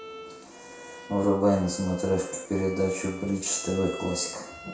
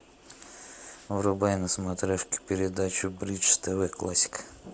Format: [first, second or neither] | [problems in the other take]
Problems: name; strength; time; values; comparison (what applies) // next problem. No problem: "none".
second | background sound (Bowed string instrument); 15 dB below the speech // room echo; dies away in 0.6 s